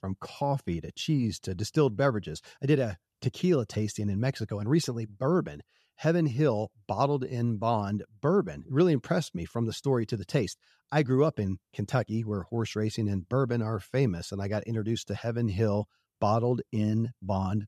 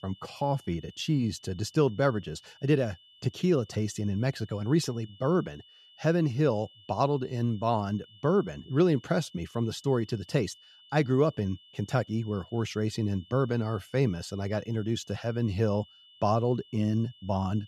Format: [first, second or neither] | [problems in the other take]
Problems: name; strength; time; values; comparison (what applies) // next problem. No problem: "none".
first | high-pitched whine; faint; throughout; 3 kHz, 25 dB below the speech